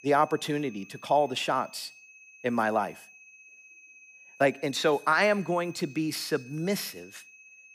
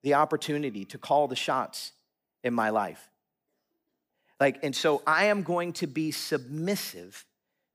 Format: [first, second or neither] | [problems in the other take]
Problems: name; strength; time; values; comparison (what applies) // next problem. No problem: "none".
second | high-pitched whine; faint; throughout; 2.5 kHz, 20 dB below the speech